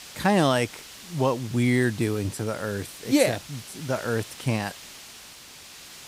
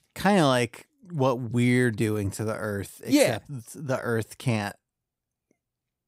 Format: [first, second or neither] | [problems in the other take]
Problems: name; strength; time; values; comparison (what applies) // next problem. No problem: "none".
second | hiss; noticeable; throughout; 15 dB below the speech